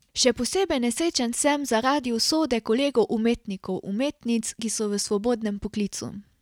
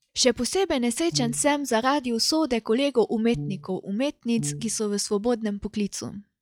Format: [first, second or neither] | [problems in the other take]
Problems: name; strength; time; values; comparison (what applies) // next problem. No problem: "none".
first | noise reduction (classical method log-MMSE)